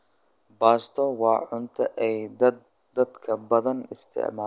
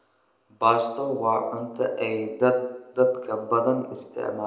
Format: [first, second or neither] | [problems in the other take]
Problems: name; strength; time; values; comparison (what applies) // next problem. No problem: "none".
first | room echo; dies away in 0.7 s